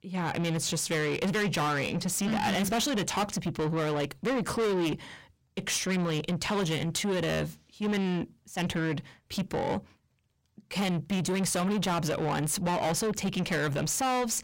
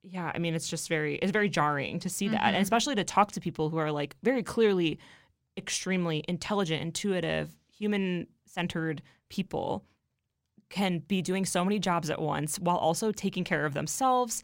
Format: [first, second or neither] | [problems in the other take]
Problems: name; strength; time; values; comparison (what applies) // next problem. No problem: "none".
second | distortion; heavy; 6 dB below the speech